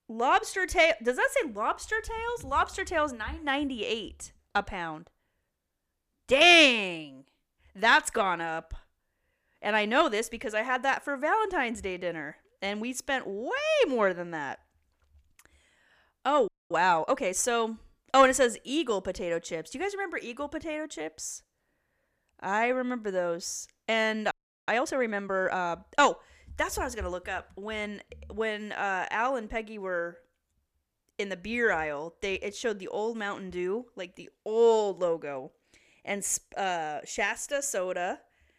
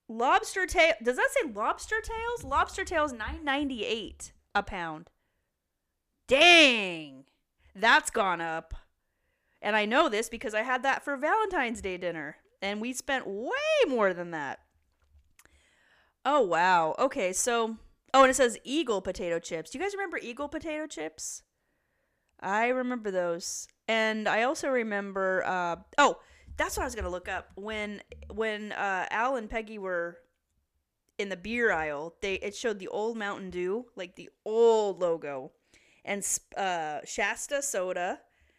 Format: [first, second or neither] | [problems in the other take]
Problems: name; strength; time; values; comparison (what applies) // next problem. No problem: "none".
second | audio freezing; at 16 s and at 24 s